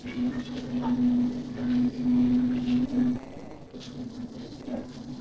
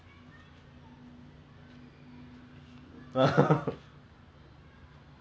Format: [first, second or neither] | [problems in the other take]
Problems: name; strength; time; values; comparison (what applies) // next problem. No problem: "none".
second | noise reduction (neural separator model SepFormer DNS4)